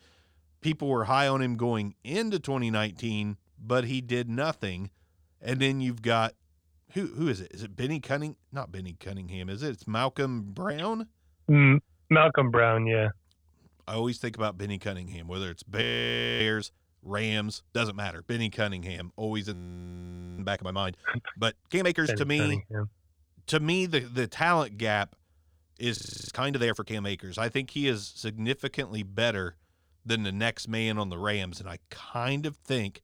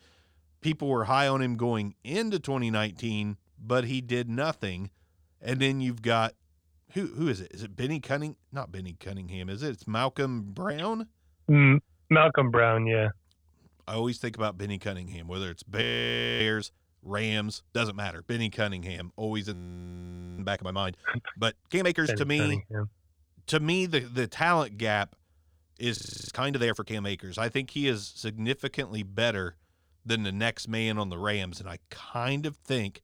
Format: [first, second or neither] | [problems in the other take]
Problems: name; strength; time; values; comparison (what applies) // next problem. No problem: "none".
neither | audio freezing; at 16 s for 0.5 s, at 20 s for 1 s and at 26 s; the same in both